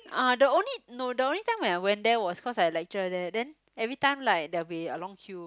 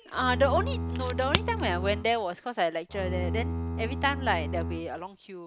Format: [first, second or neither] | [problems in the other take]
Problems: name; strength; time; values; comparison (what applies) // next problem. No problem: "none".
first | background sound (Crack + Bowed string instrument); 2 dB below the speech